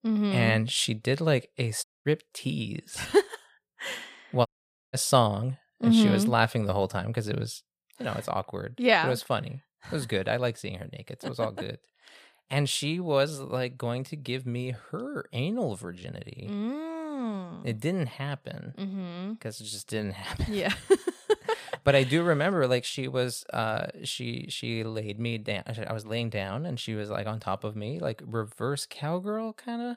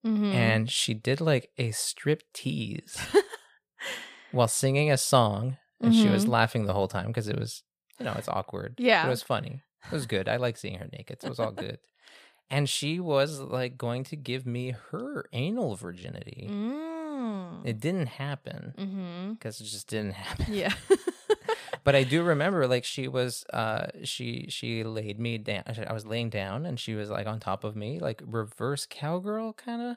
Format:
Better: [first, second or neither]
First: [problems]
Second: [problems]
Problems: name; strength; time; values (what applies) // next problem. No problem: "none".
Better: second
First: audio cutting out; at 2 s and at 4.5 s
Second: none